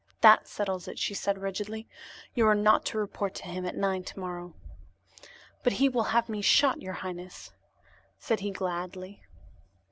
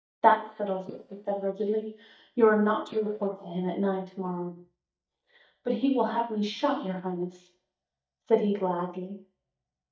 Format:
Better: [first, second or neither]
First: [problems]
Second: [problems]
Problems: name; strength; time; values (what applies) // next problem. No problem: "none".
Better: first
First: none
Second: noise reduction (neural mask model DeepFilterNet 3)